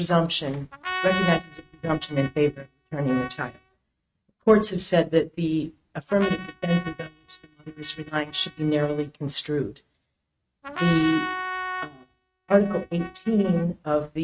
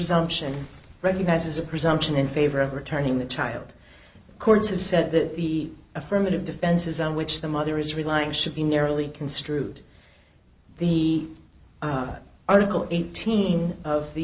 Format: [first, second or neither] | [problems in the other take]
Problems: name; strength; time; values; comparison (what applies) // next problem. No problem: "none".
second | noise reduction (neural mask model RNNoise)